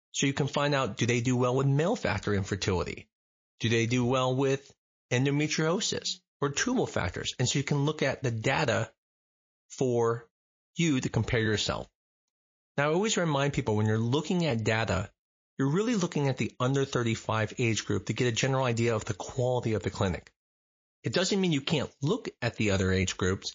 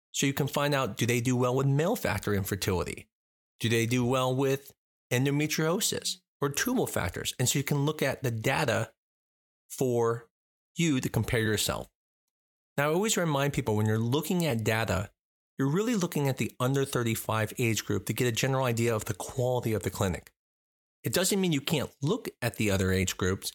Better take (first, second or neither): second